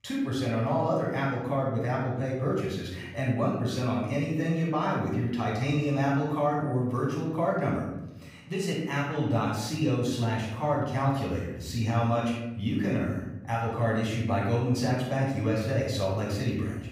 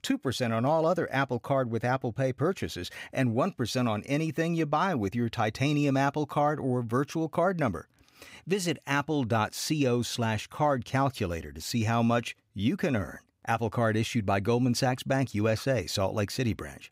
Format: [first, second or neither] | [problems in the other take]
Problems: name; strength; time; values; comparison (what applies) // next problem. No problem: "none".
second | off-mic speech; far // room echo; noticeable; dies away in 1 s